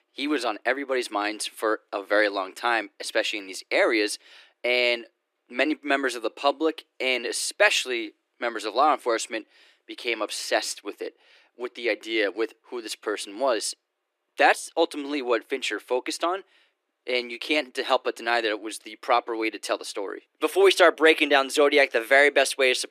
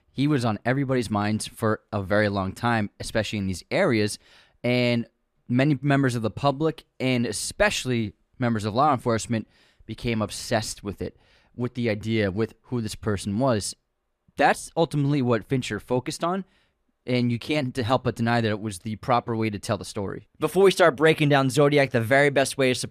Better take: second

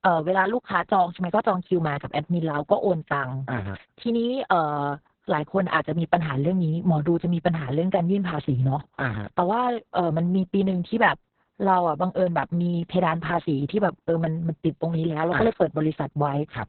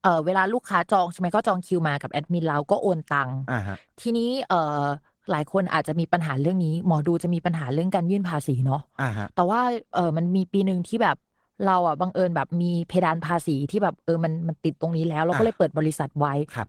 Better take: second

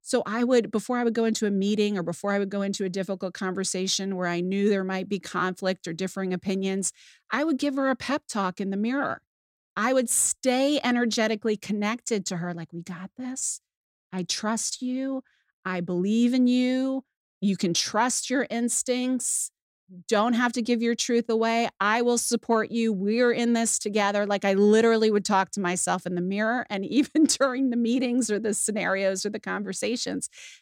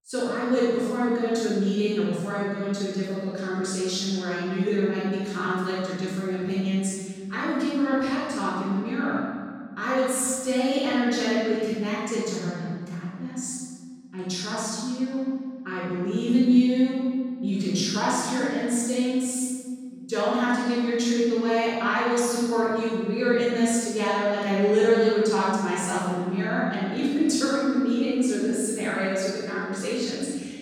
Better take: first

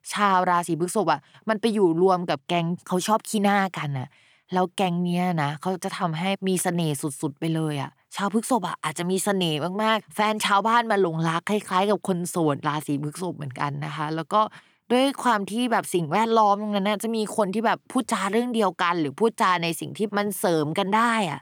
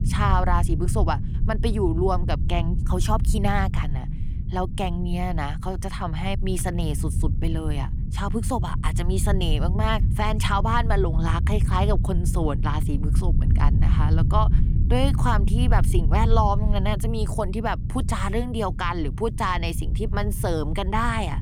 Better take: first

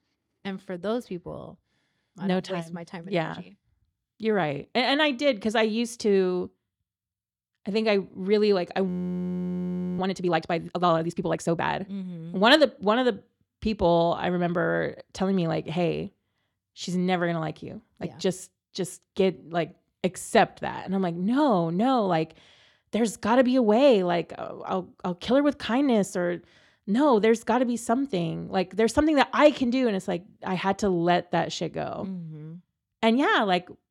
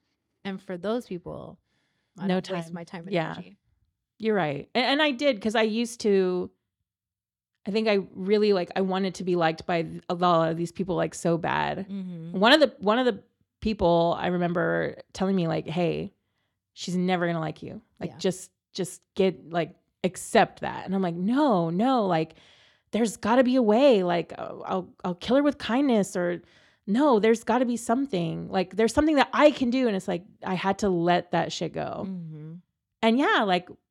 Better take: second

